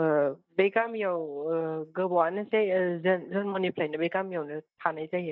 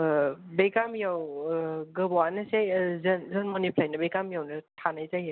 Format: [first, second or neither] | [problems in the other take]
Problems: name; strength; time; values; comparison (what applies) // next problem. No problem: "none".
second | noise reduction (neural mask model DeepFilterNet 3)